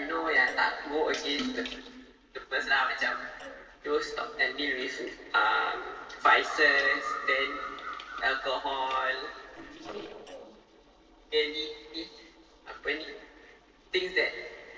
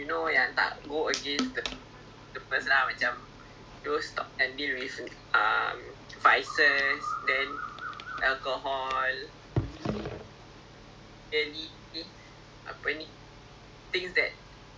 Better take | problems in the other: second | noise reduction (neural separator model SepFormer DNS4)

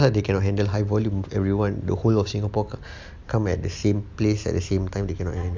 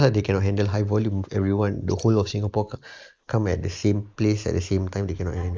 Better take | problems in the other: first | noise reduction (neural mask model Resemble Enhance denoiser)

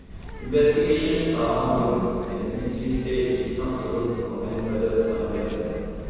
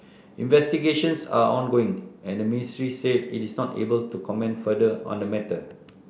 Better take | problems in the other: second | background sound (Bird); 11 dB below the speech // room echo; dies away in 2.1 s

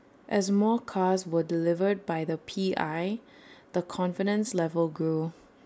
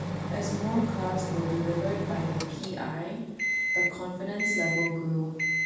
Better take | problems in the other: first | background sound (Microwave oven); as loud as the speech // room echo; dies away in 1.2 s

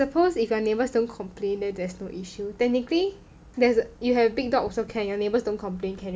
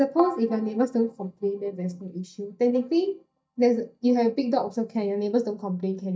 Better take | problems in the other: first | noise reduction (neural mask model DeepFilterNet 3)

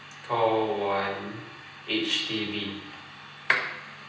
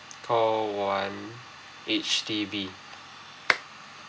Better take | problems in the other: second | room echo; dies away in 0.9 s

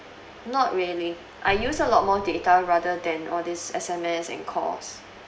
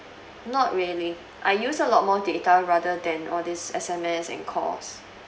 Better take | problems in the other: second | background sound (Drum); 17 dB below the speech

